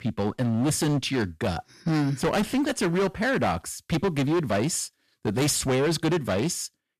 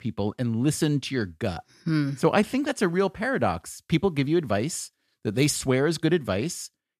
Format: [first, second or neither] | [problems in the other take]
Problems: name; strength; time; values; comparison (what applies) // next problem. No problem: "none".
second | distortion; heavy; 18% of the sound clipped